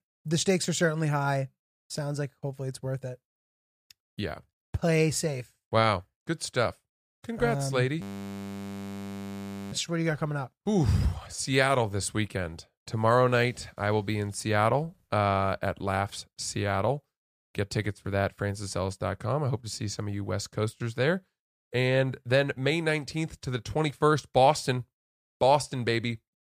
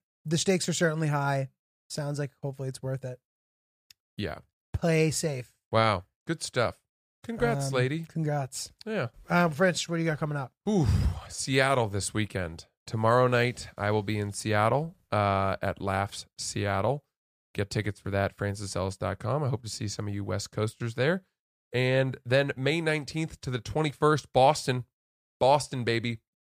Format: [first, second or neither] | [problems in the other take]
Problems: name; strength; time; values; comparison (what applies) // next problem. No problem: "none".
second | audio freezing; at 8 s for 1.5 s